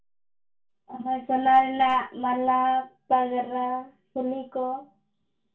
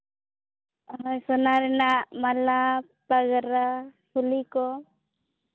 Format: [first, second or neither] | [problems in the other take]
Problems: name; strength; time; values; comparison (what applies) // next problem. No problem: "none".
second | room echo; dies away in 0.2 s